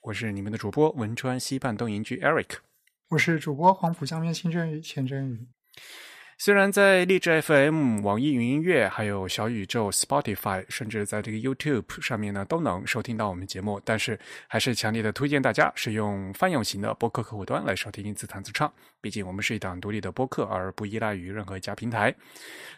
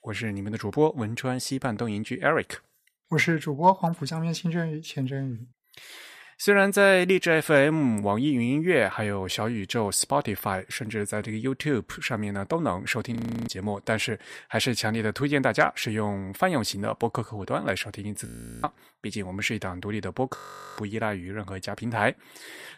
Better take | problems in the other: first | audio freezing; at 13 s, at 18 s and at 20 s

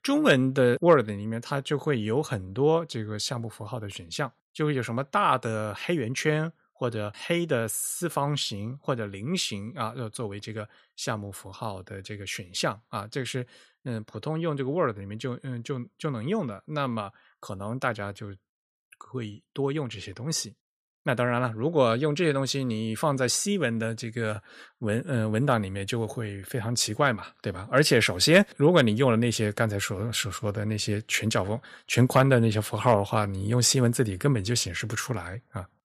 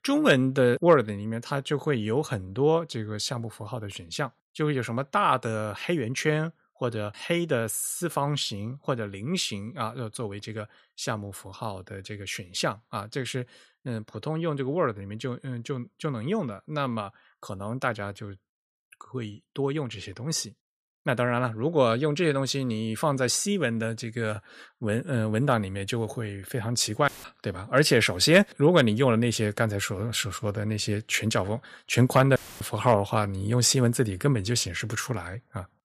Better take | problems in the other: first | audio cutting out; filled with static; at 27 s and at 32 s

